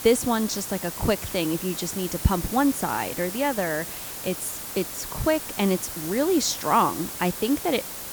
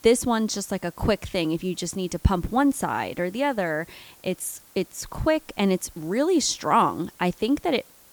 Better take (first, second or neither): second